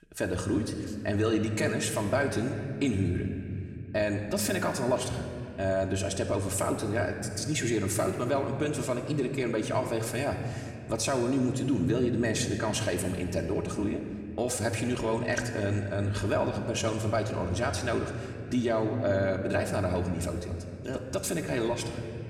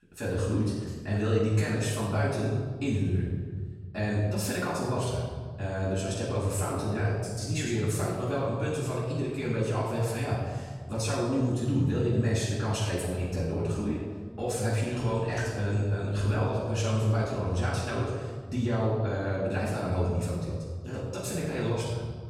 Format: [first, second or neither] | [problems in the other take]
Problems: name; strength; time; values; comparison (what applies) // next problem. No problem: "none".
first | room echo; strong; dies away in 1.8 s; slight in the first // off-mic speech; far; somewhat distant in the first